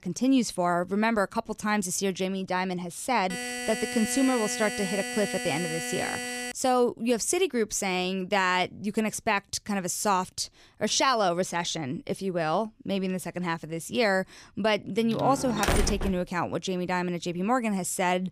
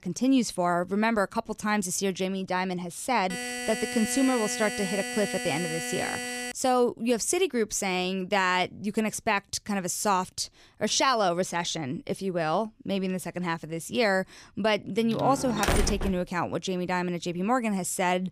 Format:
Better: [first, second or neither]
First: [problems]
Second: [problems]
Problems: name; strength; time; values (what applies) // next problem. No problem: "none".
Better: neither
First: alarm; noticeable; from 3.5 to 6.5 s; peak 4 dB below the speech // door banging; loud; from 15 to 16 s; peak 1 dB above the speech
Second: alarm; noticeable; from 3.5 to 6.5 s; peak 4 dB below the speech // door banging; loud; from 15 to 16 s; peak 1 dB above the speech